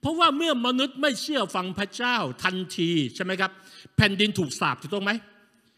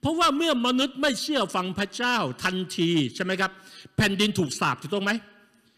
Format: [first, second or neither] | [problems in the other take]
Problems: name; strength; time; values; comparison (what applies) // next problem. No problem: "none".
first | distortion; slight; 3% of the sound clipped